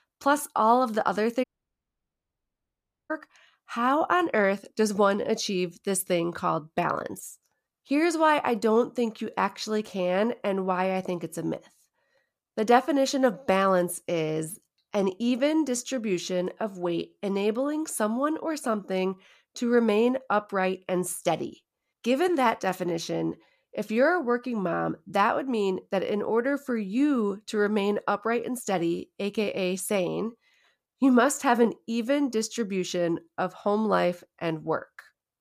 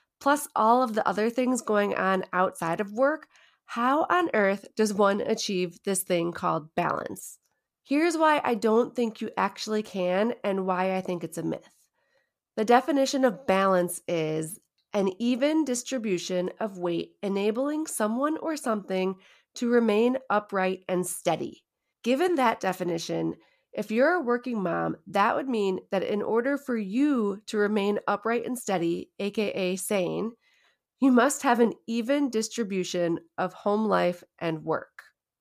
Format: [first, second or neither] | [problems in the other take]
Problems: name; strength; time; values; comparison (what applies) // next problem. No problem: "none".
second | audio cutting out; at 1.5 s for 1.5 s